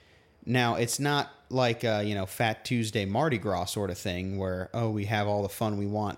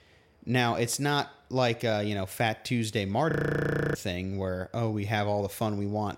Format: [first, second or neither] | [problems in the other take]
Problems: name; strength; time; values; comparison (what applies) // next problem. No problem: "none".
first | audio freezing; at 3.5 s for 0.5 s